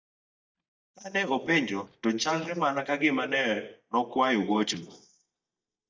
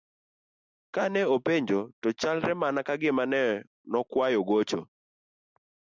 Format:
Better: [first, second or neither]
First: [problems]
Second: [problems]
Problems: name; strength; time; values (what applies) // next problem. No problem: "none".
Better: second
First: noise reduction (neural mask model DeepFilterNet 3)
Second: none